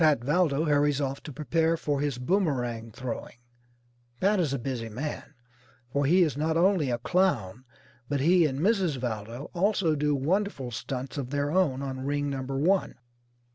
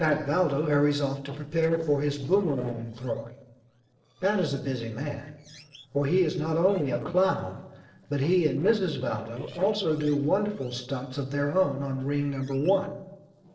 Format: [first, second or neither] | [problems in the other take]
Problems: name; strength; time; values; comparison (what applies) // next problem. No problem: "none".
first | noise reduction (neural separator model SepFormer DNS4)